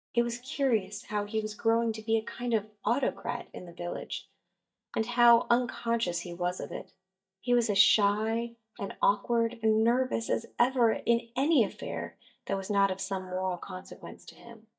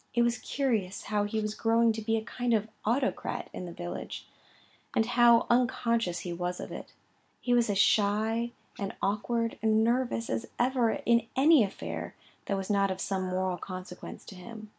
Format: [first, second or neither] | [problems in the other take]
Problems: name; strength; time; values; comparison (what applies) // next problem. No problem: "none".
second | noise reduction (neural mask model DeepFilterNet 3)